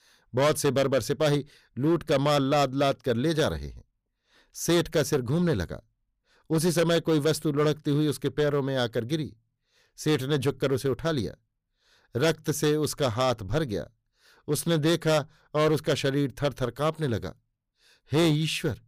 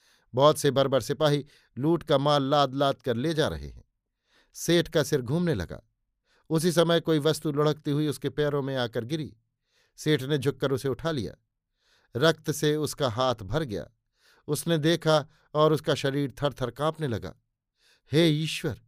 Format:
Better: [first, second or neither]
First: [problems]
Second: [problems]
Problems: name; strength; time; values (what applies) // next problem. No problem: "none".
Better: second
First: distortion; slight; 6% of the sound clipped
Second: none